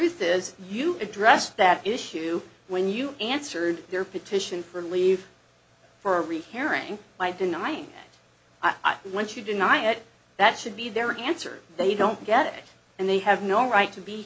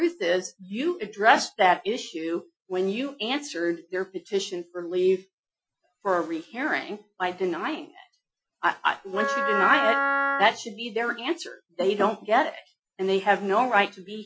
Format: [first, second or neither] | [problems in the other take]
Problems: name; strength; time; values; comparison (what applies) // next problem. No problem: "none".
first | noise reduction (classical method Wiener filter)